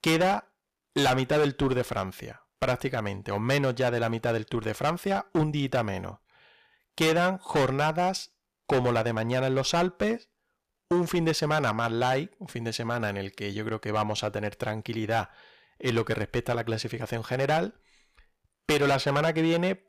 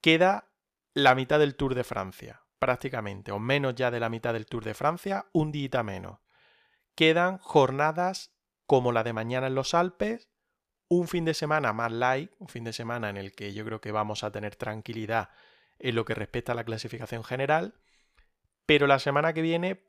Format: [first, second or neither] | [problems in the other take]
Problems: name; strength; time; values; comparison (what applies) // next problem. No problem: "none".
second | distortion; heavy; 8% of the sound clipped